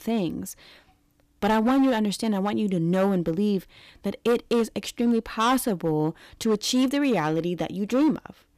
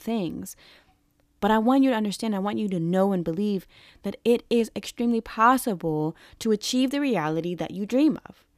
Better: second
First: distortion; slight; 7% of the sound clipped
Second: none

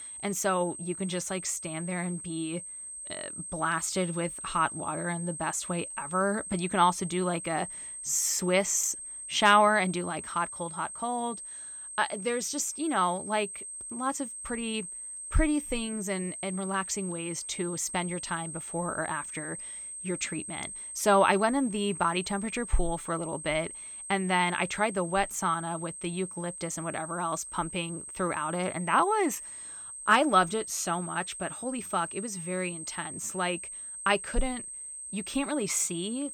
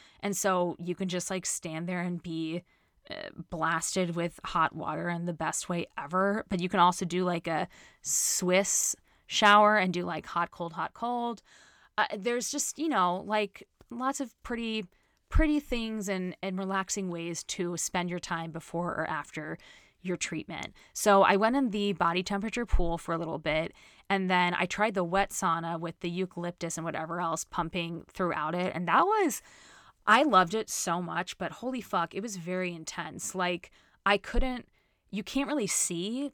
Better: second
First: high-pitched whine; loud; throughout; 8.5 kHz, 8 dB below the speech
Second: none

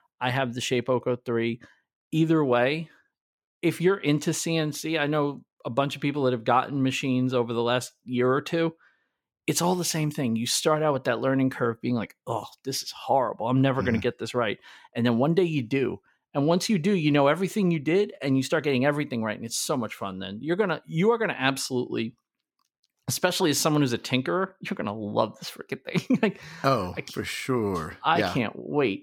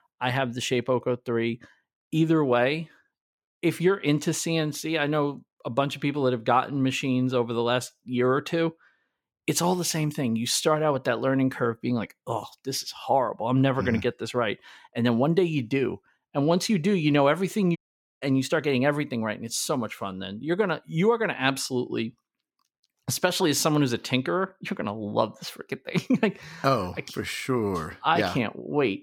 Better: first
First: none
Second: audio cutting out; at 18 s

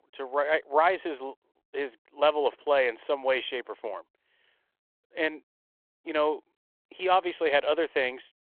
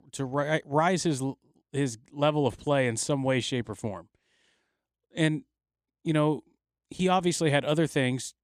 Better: second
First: phone-call audio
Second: none

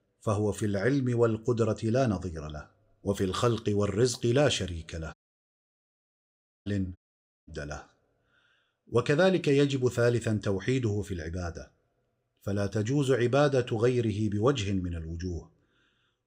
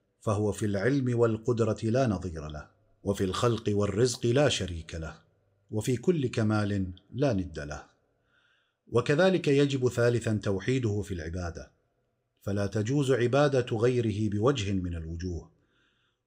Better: second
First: audio cutting out; at 5 s for 1.5 s and at 7 s for 0.5 s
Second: none

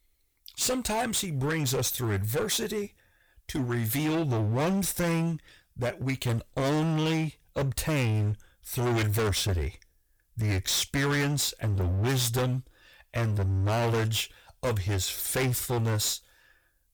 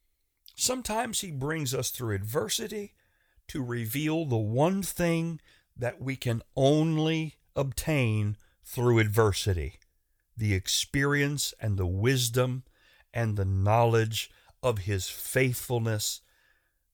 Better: second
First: distortion; heavy; 24% of the sound clipped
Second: none

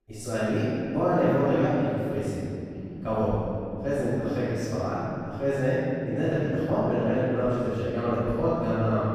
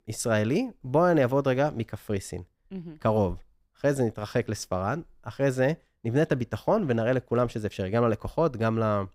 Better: second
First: off-mic speech; far // room echo; strong; dies away in 2.9 s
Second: none

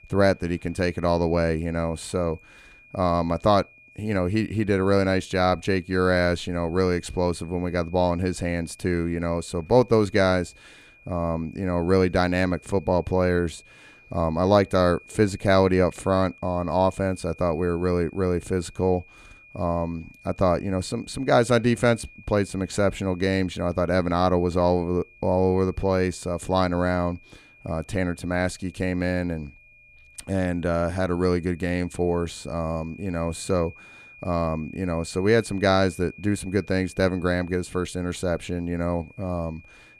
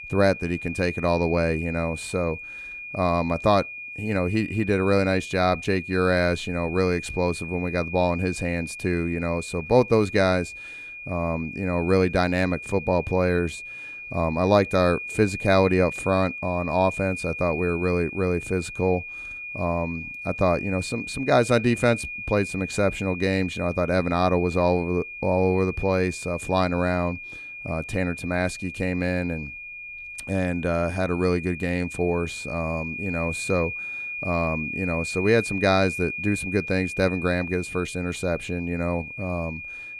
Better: first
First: high-pitched whine; faint; throughout; 2.5 kHz, 25 dB below the speech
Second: high-pitched whine; loud; throughout; 2.5 kHz, 9 dB below the speech

